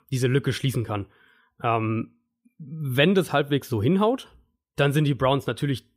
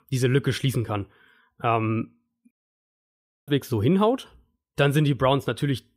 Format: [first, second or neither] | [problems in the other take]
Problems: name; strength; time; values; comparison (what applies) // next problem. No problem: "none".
first | audio cutting out; at 2.5 s for 1 s